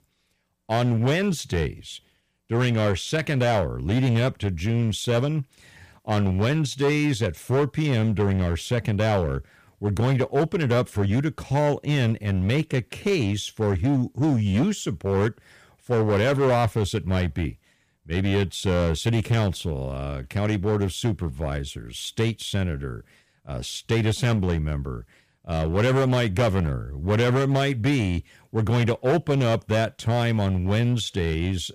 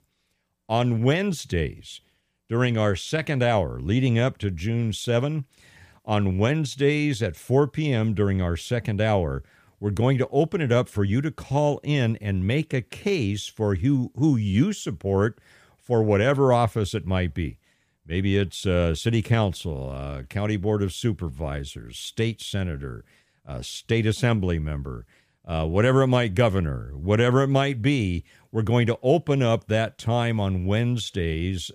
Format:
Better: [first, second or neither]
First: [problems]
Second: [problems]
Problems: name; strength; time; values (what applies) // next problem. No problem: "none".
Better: second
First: distortion; slight; 10% of the sound clipped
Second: none